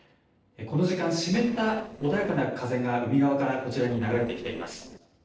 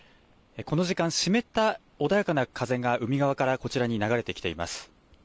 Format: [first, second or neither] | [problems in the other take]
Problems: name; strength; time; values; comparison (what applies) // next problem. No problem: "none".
second | noise reduction (neural separator model SepFormer DNS4)